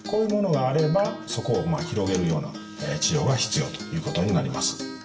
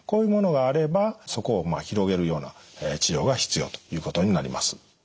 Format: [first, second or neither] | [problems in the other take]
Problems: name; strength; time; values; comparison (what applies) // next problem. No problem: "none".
second | background sound (Acoustic guitar); 11 dB below the speech // room echo; dies away in 0.7 s